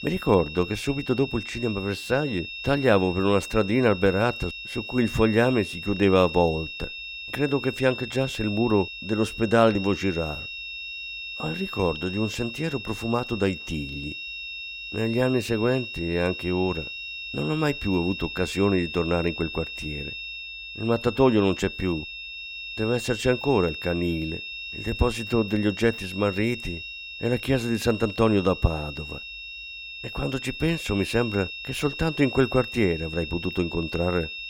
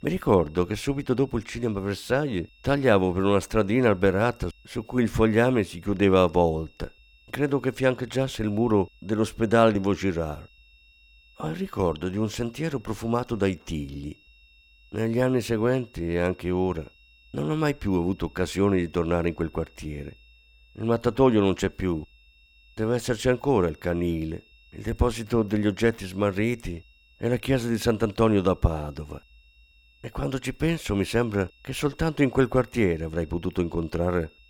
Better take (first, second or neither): second